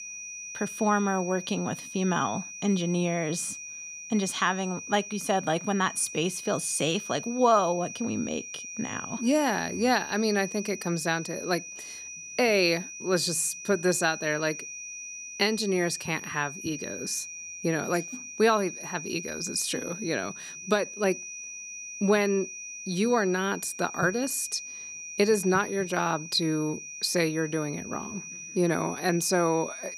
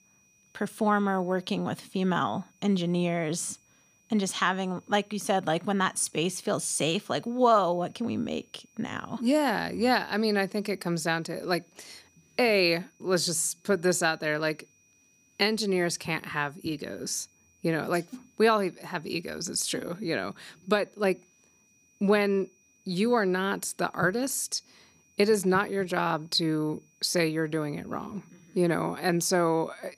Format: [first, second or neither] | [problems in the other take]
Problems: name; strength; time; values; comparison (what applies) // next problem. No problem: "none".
second | high-pitched whine; loud; throughout; 6 kHz, 10 dB below the speech; faint in the second